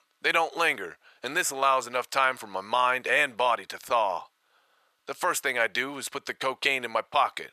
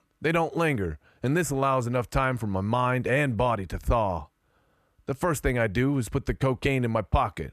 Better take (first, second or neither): second